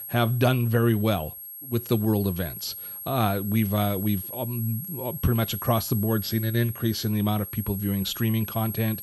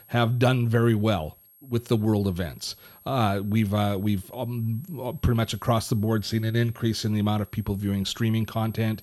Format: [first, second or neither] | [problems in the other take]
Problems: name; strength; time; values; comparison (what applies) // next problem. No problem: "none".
second | high-pitched whine; loud; throughout; 11.5 kHz, 9 dB below the speech; faint in the second